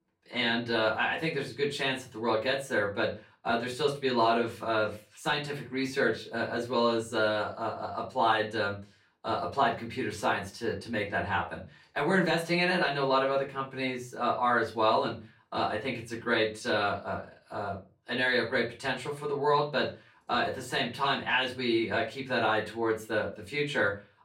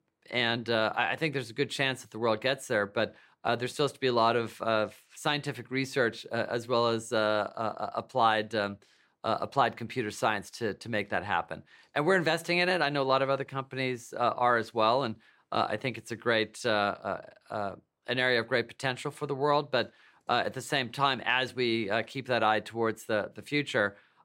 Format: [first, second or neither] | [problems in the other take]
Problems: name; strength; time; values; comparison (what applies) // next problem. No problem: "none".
second | off-mic speech; far // room echo; very slight; dies away in 0.3 s